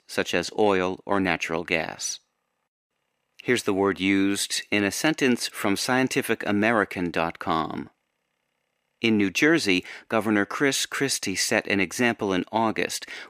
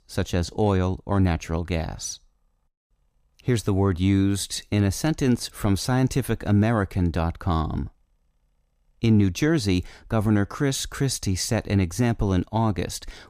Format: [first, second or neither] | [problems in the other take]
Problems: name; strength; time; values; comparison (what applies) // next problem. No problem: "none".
second | thin; somewhat; fading below 350 Hz